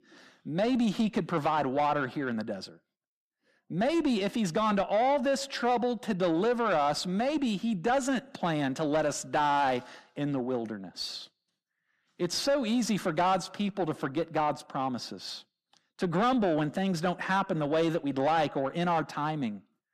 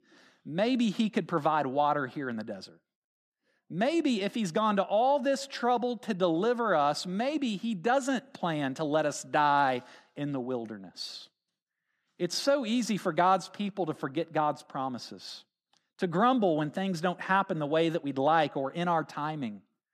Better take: second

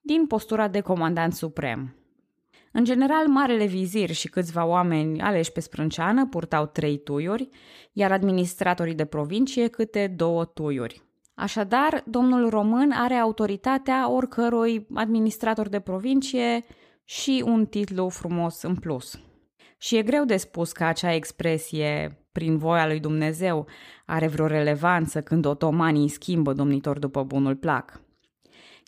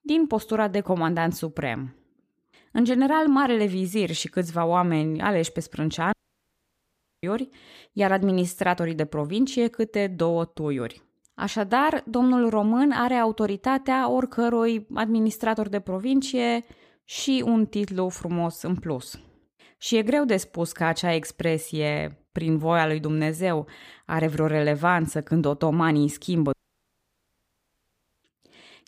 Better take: first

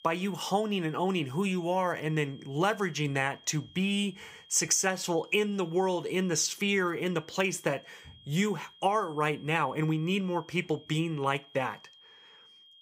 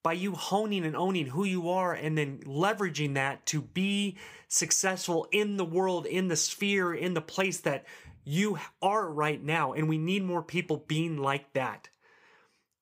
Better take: second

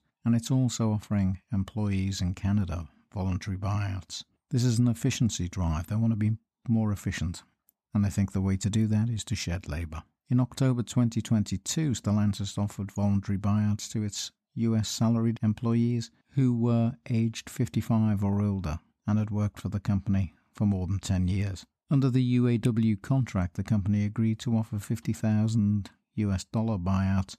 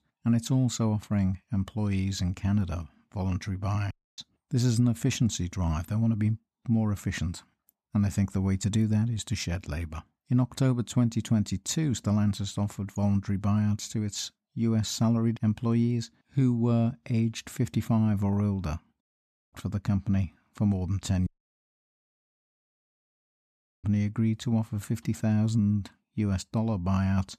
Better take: first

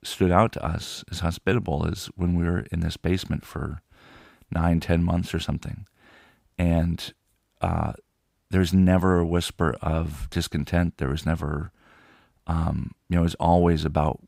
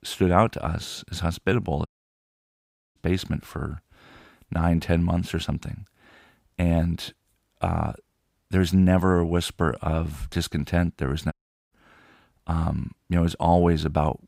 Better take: first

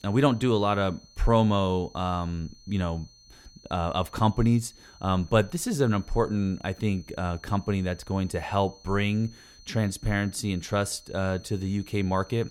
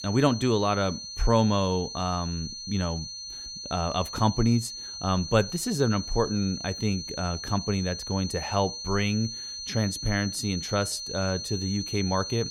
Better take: first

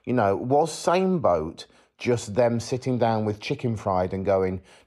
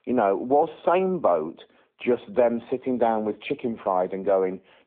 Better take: first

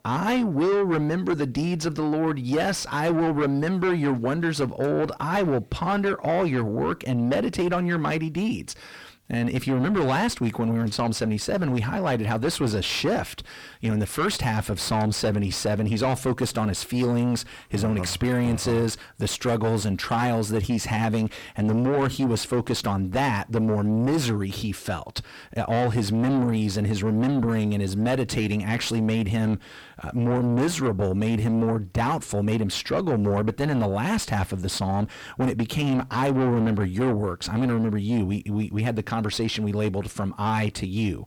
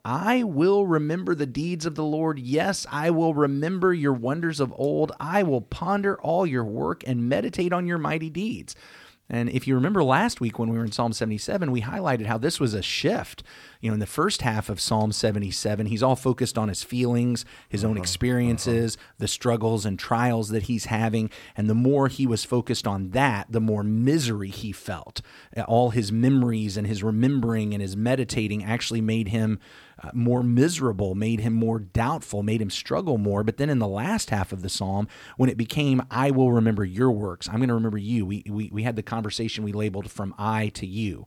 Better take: second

